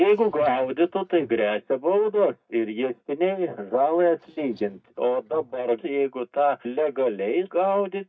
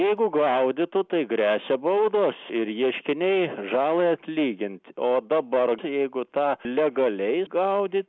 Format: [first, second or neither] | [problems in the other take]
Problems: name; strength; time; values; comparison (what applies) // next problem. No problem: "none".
second | noise reduction (neural mask model DeepFilterNet 3)